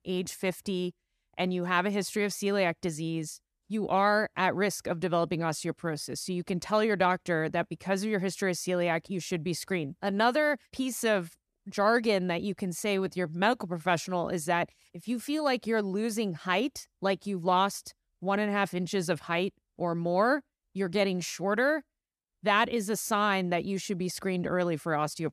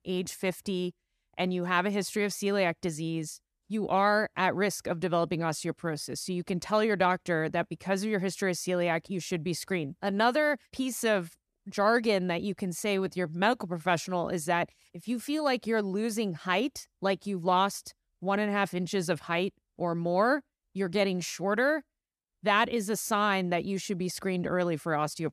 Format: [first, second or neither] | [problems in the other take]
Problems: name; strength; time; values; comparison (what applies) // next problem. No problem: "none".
neither | none